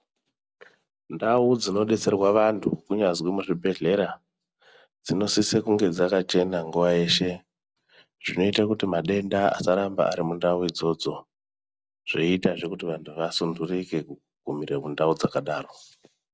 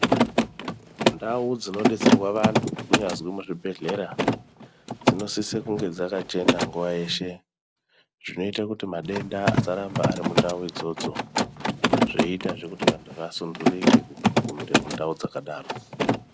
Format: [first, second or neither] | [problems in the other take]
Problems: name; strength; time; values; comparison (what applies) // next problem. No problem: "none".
first | background sound (Mechanisms); 5 dB above the speech